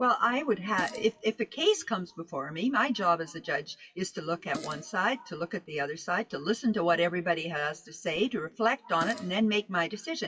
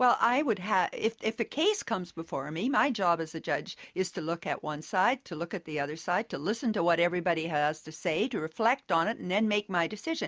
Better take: second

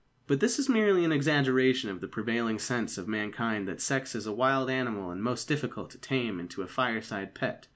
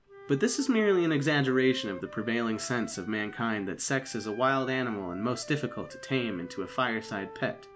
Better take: first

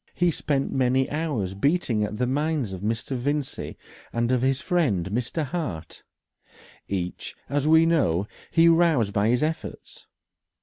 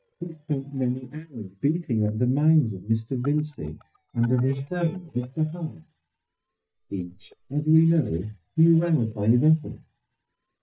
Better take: first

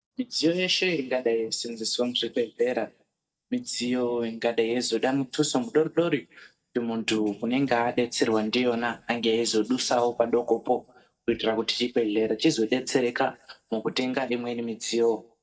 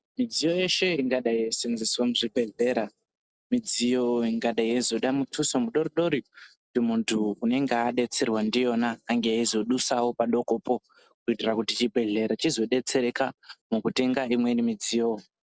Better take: second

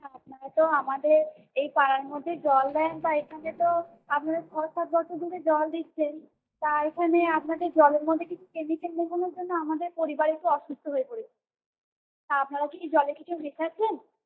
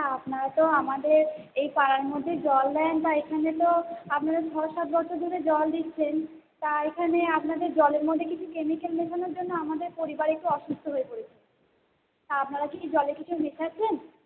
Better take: second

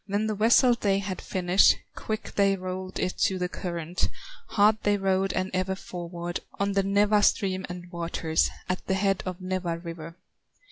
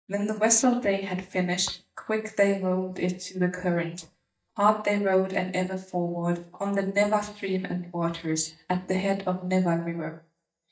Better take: first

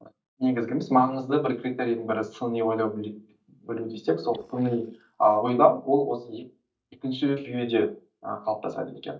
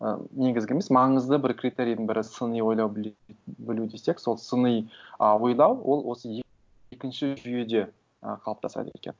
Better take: second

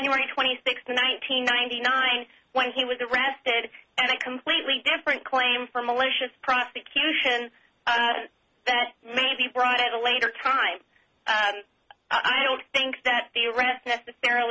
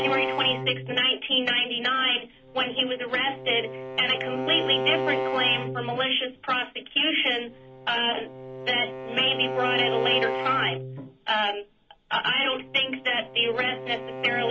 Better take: first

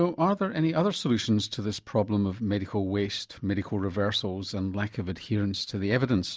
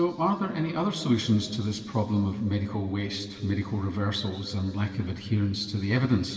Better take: first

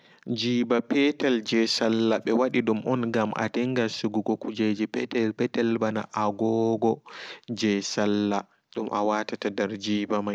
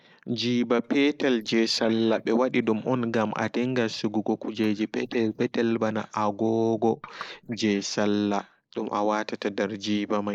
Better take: first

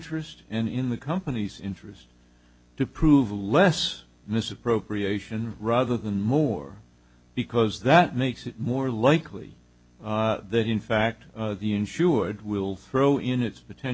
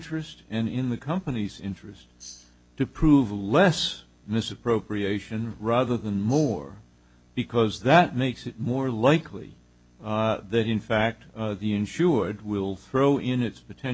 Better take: first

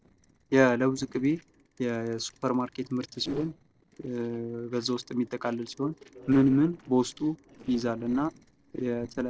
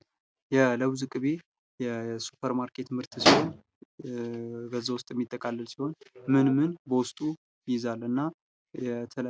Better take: second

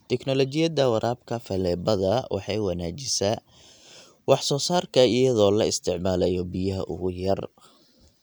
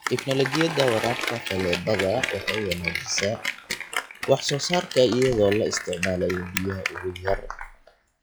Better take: first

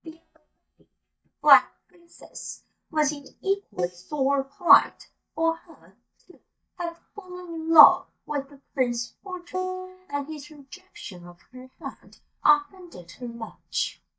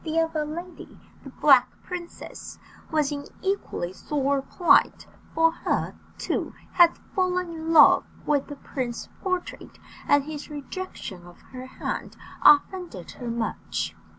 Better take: second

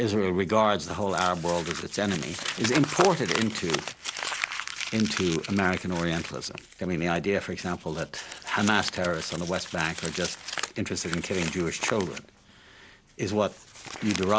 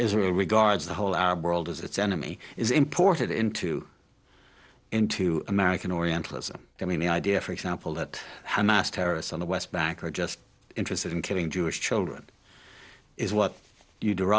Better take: second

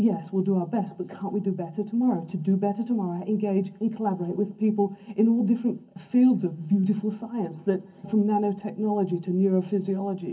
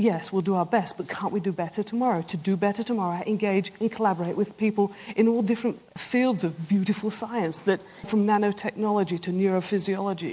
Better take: second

